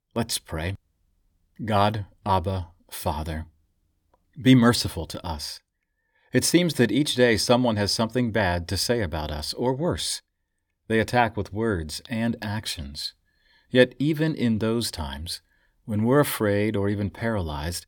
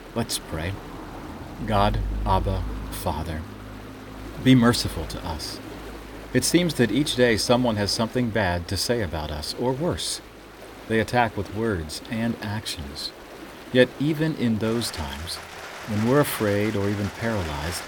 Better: first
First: none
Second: rain or running water; noticeable; throughout; 15 dB below the speech

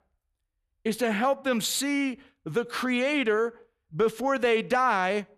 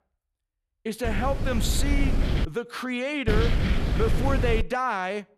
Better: first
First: none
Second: wind noise on the microphone; heavy; from 1 to 2.5 s and from 3.5 to 4.5 s; 6 dB below the speech

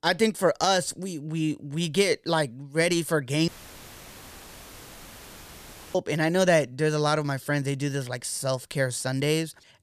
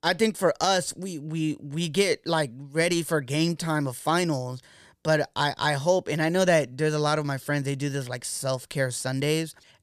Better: second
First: audio cutting out; filled with static; at 3.5 s for 2.5 s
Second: none

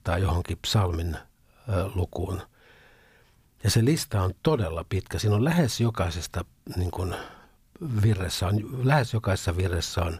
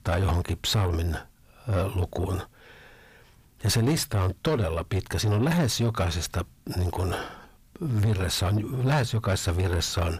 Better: first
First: none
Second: distortion; slight; 10 dB below the speech

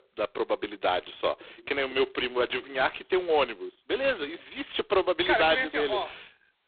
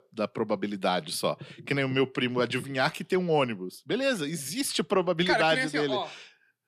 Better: second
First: phone-call audio; poor line; nothing above 4 kHz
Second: none

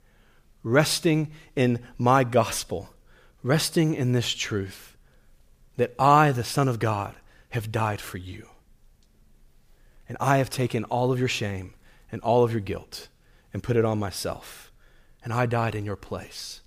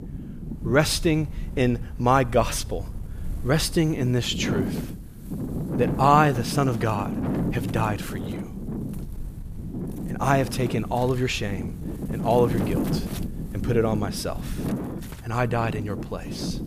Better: first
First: none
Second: wind noise on the microphone; occasional gusts; 10 dB below the speech

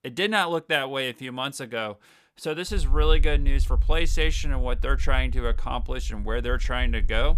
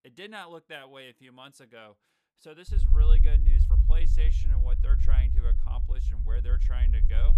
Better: first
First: low rumble; faint; from 2.5 s on; 25 dB below the speech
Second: low rumble; loud; from 2.5 s on; 3 dB below the speech

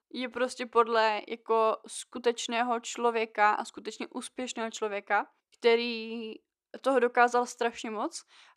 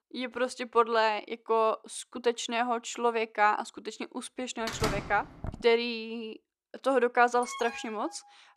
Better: first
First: none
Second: door banging; noticeable; at 4.5 s; peak 4 dB below the speech // alarm; faint; at 7.5 s; peak 10 dB below the speech

